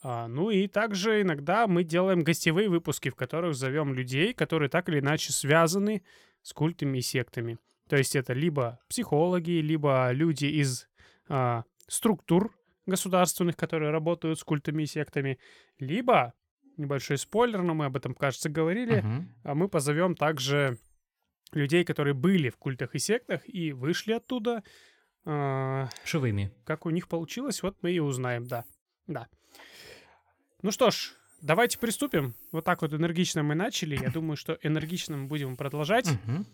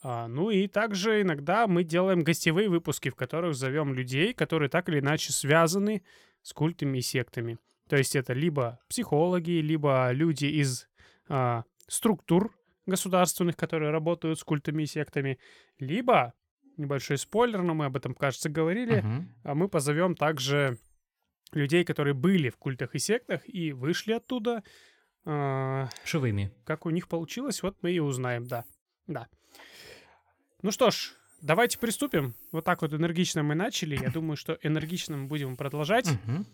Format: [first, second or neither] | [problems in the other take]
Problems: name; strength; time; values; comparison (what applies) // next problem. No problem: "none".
neither | none